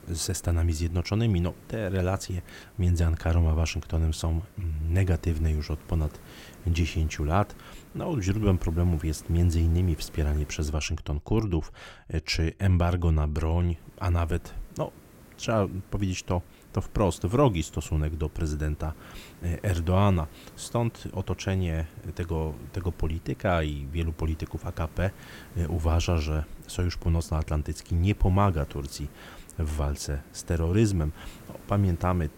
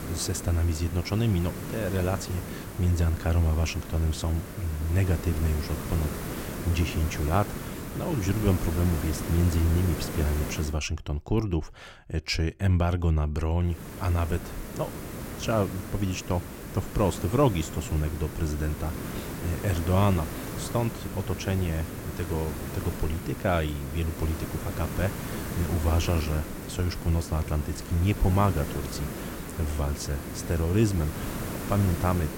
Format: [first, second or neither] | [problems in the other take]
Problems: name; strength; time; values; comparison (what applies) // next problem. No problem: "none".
first | hiss; loud; until 11 s and from 14 s on; 8 dB below the speech; faint in the first